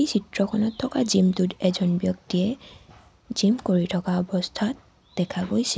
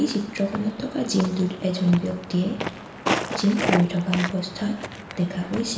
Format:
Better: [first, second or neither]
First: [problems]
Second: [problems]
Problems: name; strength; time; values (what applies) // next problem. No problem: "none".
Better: first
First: none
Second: background sound (Walk, footsteps); 7 dB below the speech // room echo; dies away in 0.8 s